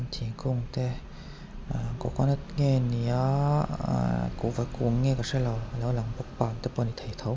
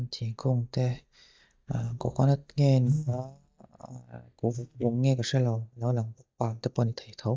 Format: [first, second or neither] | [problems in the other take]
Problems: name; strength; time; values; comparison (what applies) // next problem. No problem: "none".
first | noise reduction (neural mask model DeepFilterNet 3)